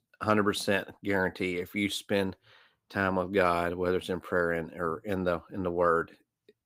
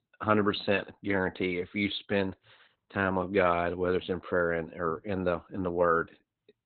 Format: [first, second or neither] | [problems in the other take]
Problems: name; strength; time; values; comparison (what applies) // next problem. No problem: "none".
first | garbled, watery; badly; nothing above 4 kHz; slightly in the first